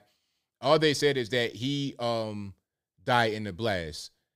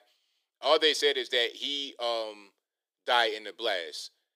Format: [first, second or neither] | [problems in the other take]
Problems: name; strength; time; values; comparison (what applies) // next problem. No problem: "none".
first | thin; very; fading below 350 Hz